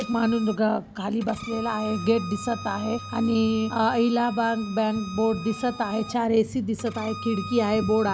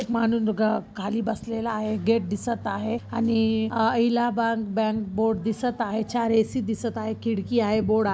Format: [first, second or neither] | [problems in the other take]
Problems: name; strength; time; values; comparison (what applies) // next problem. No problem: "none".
second | background sound (Bowed string instrument); 15 dB below the speech